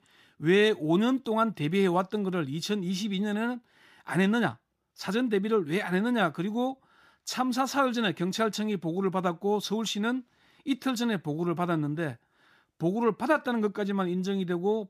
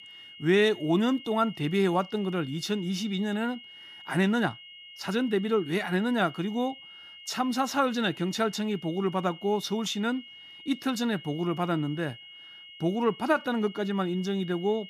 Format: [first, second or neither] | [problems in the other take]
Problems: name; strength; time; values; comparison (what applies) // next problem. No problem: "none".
first | high-pitched whine; noticeable; throughout; 3 kHz, 15 dB below the speech